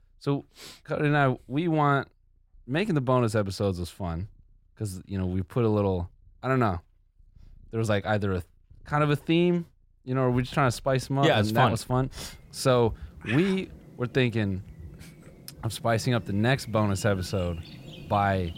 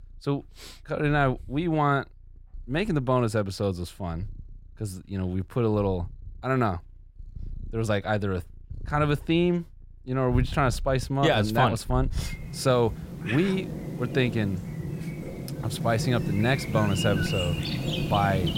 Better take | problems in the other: first | animal sounds; loud; throughout; 6 dB below the speech; faint in the first

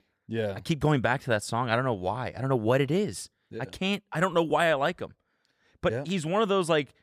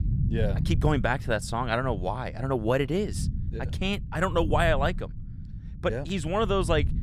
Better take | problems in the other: first | low rumble; noticeable; throughout; 20 dB below the speech

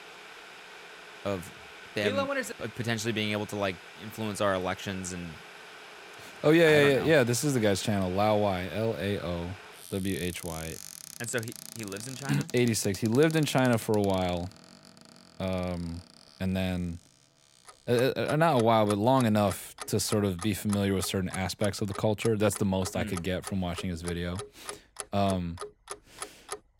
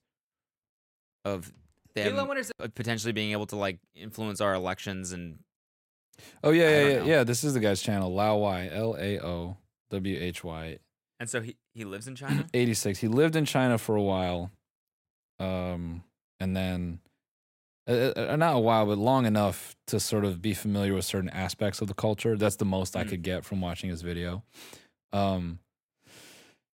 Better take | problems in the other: second | household noises; noticeable; throughout; 15 dB below the speech

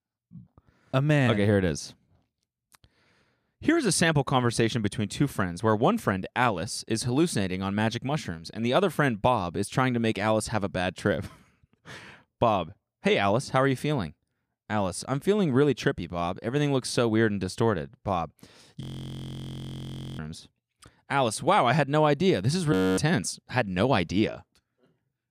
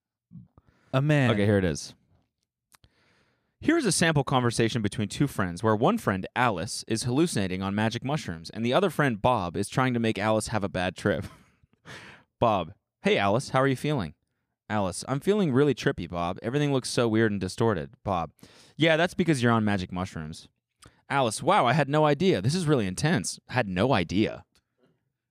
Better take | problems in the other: second | audio freezing; at 19 s for 1.5 s and at 23 s

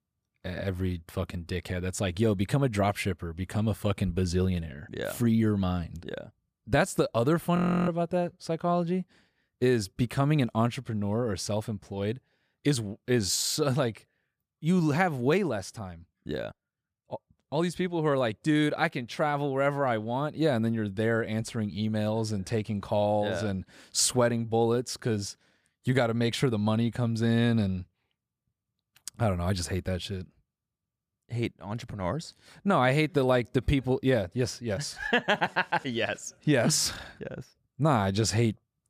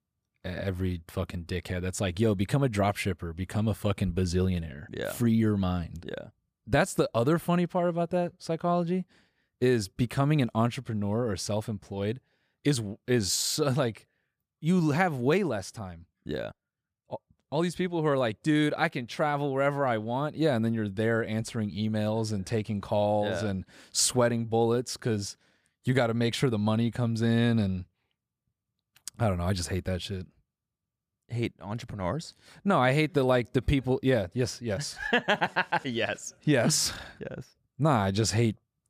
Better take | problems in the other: second | audio freezing; at 7.5 s

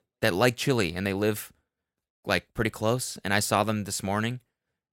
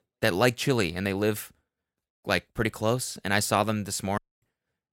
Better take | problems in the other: first | audio cutting out; at 4 s

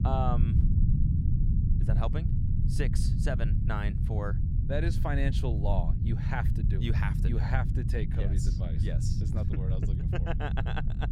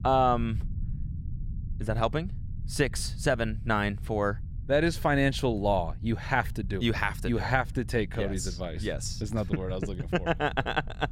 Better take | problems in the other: second | low rumble; loud; throughout; 5 dB below the speech; faint in the second

